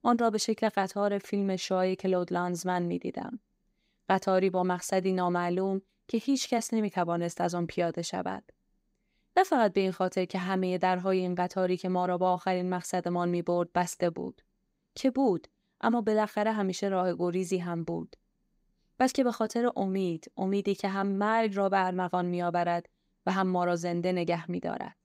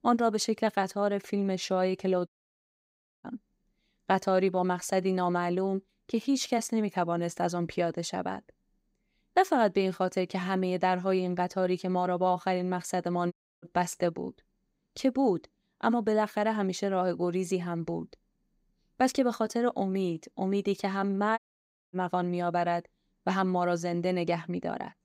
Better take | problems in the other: first | audio cutting out; at 2.5 s for 1 s, at 13 s and at 21 s for 0.5 s

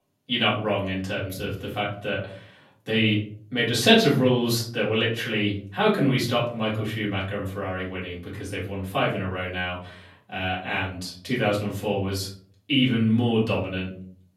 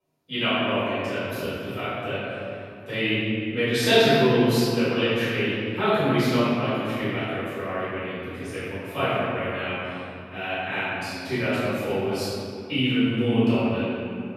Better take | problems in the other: first | room echo; strong; dies away in 2.5 s; slight in the first // off-mic speech; far; far in the first

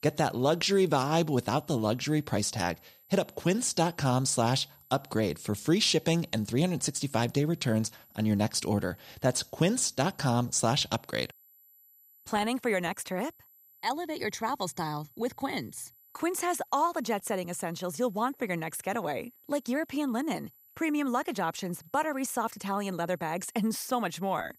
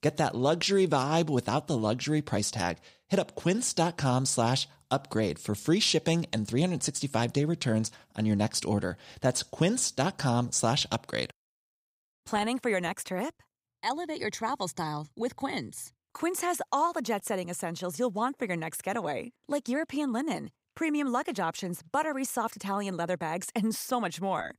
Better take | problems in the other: second | high-pitched whine; faint; throughout; 12 kHz, 25 dB below the speech

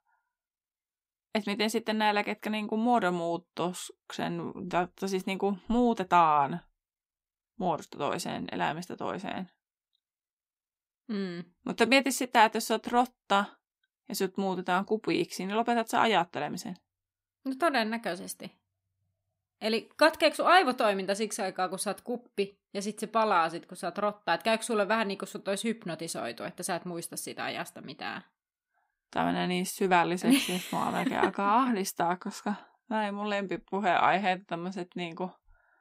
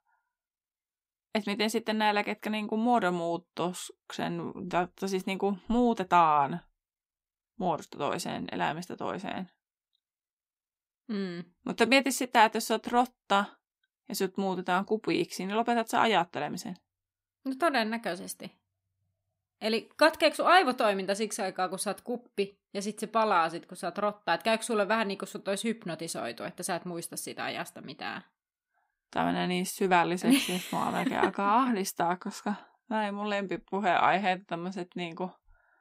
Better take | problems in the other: neither | none

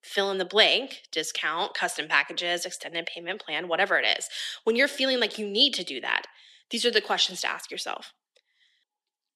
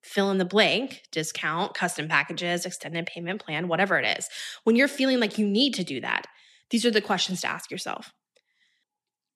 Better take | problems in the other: second | thin; somewhat; fading below 400 Hz

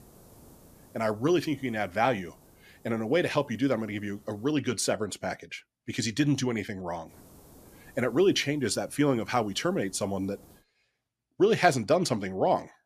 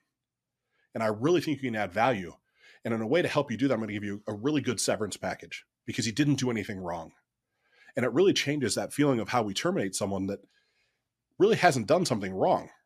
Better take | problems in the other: second | hiss; faint; until 4.5 s and from 7 to 11 s; 30 dB below the speech

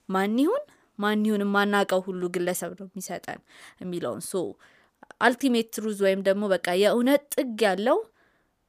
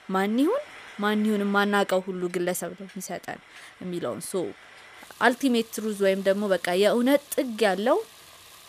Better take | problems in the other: first | household noises; faint; throughout; 20 dB below the speech

